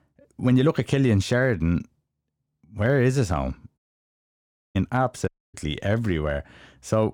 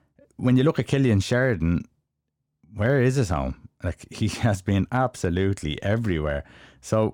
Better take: second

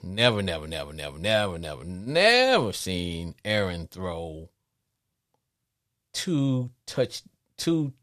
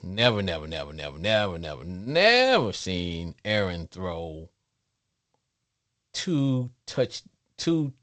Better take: first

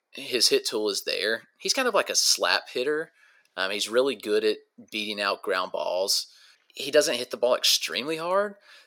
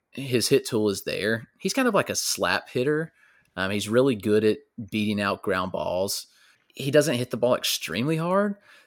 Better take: second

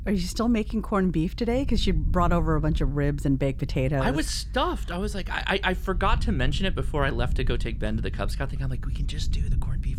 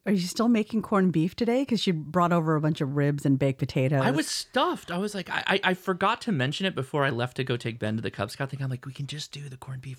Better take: second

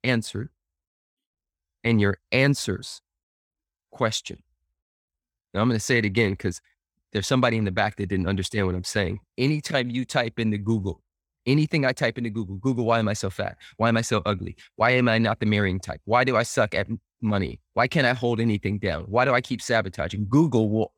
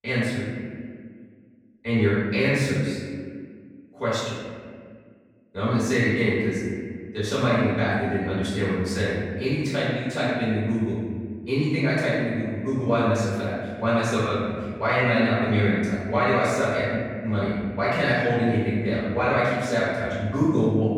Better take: first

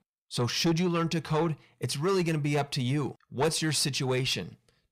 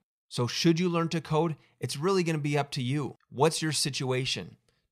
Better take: second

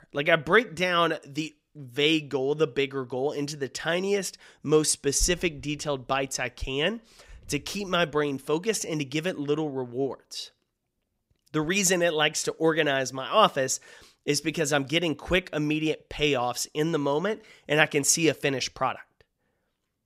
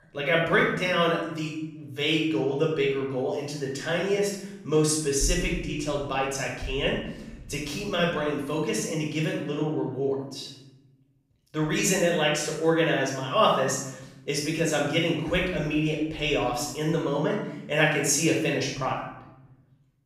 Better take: first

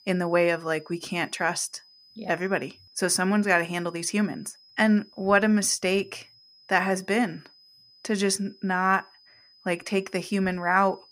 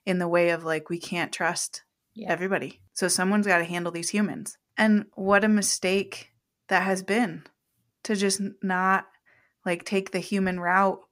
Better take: second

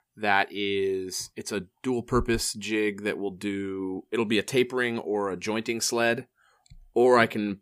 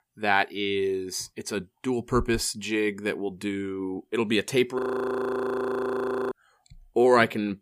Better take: first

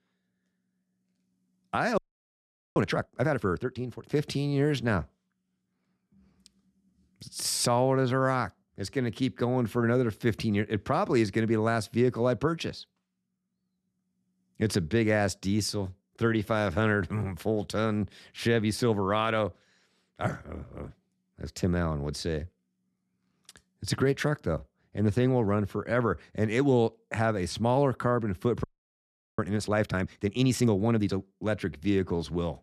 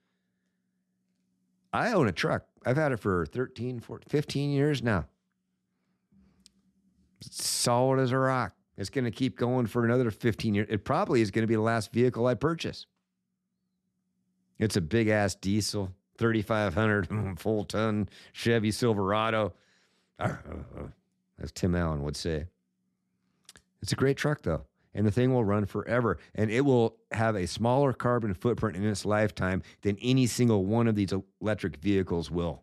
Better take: second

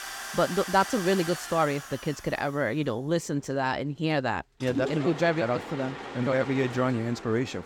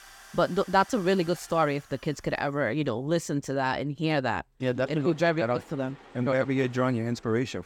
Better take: second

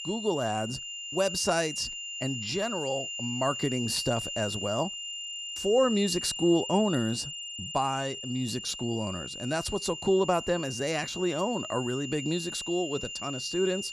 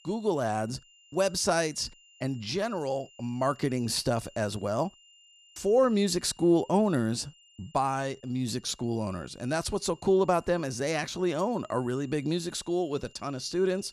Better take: second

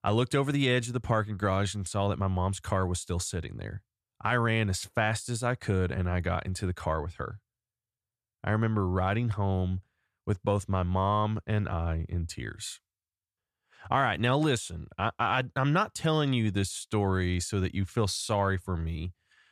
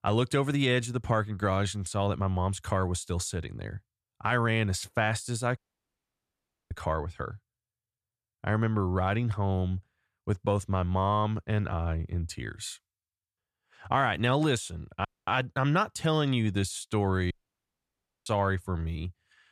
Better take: first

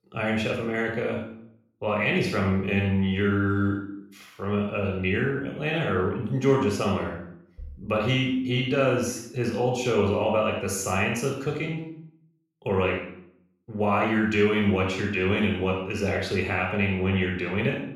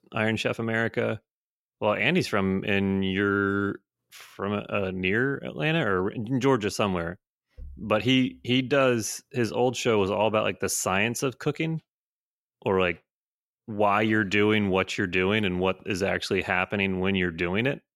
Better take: second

